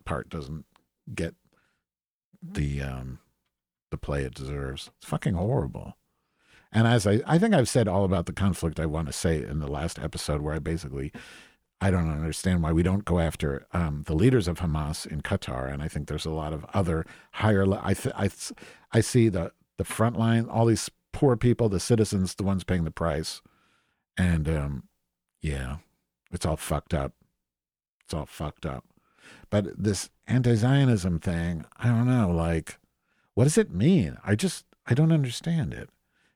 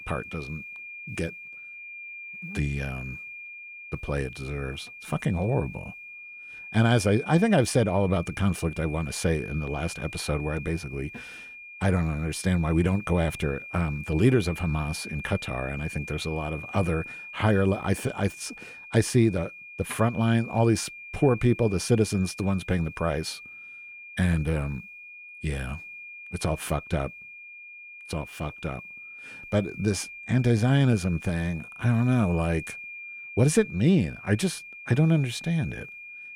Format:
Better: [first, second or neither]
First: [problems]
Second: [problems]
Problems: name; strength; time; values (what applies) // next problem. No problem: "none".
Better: first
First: none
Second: high-pitched whine; noticeable; throughout; 2.5 kHz, 15 dB below the speech